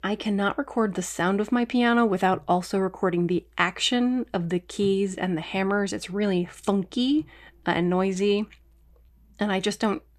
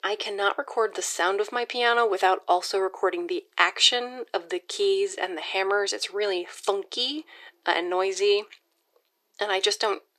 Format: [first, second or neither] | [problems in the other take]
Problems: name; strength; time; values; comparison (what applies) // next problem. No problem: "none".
first | thin; very; fading below 400 Hz